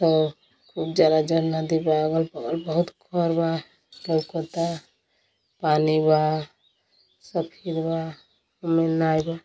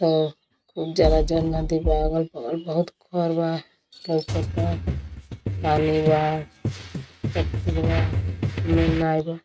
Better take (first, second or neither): first